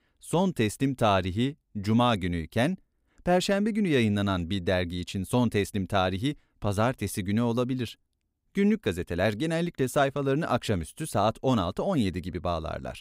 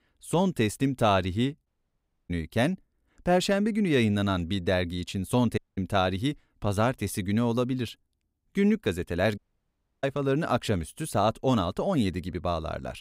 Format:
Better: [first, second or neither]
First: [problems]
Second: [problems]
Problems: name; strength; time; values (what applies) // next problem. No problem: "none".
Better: first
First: none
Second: audio cutting out; at 1.5 s for 0.5 s, at 5.5 s and at 9.5 s for 0.5 s